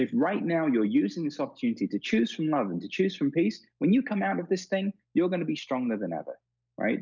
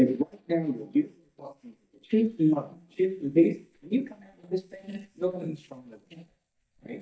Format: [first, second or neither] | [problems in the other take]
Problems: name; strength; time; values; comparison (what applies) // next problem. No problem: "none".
first | noise reduction (neural mask model DeepFilterNet 3)